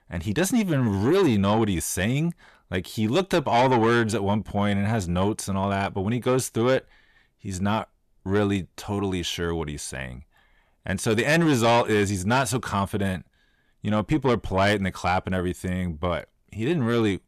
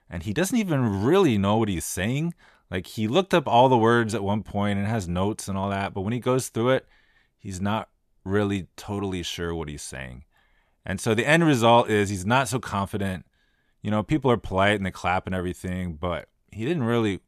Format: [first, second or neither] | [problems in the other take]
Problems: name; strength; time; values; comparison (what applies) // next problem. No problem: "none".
second | distortion; slight; 10 dB below the speech